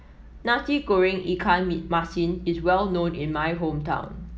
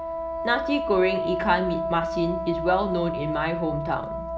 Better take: first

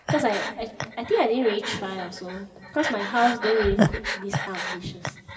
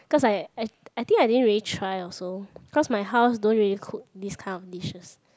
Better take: second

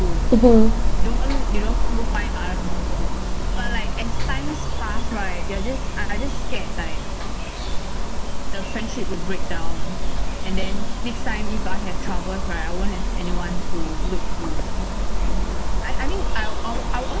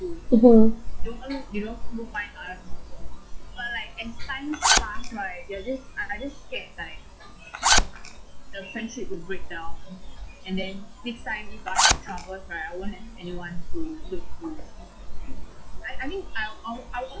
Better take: first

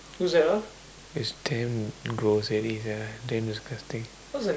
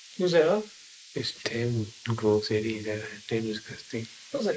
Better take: first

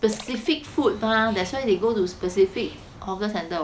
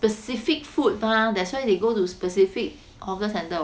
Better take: second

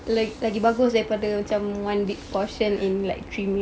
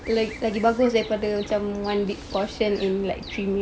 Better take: first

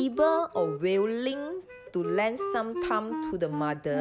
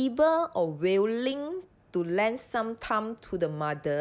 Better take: second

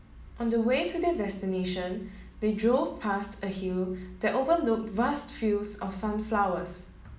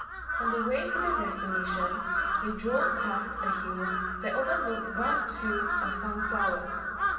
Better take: first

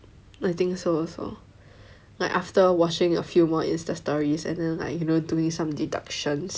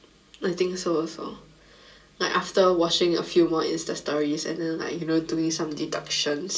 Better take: first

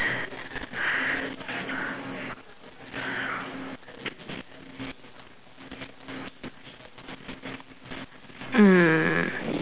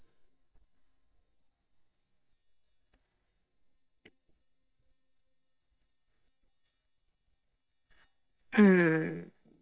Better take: first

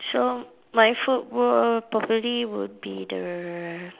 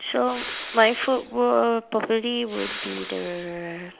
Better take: first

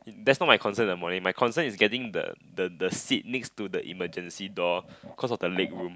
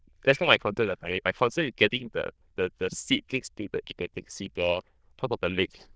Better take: first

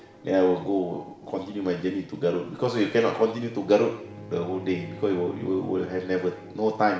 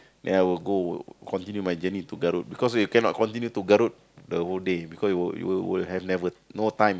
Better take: second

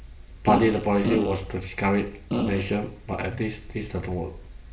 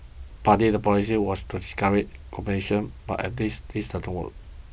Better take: second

